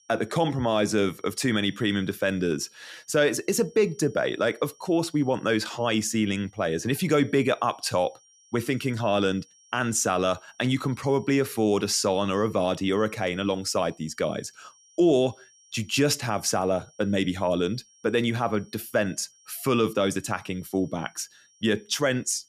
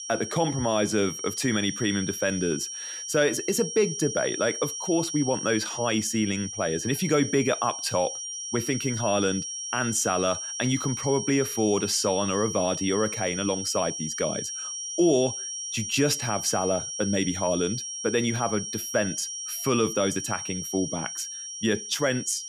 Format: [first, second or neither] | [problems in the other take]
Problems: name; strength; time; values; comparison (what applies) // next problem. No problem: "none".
first | high-pitched whine; loud; throughout; 5.5 kHz, 5 dB below the speech; faint in the first